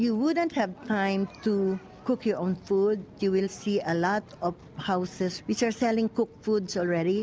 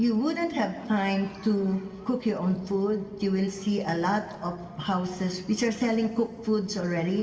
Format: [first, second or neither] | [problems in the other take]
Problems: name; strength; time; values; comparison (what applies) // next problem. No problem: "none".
first | room echo; dies away in 2.1 s